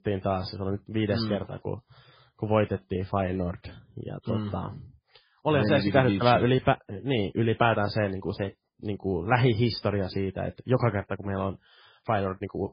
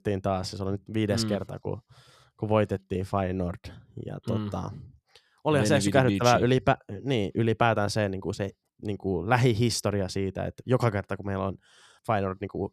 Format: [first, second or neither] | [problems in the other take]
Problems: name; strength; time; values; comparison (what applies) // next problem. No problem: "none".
second | garbled, watery; badly; nothing above 5 kHz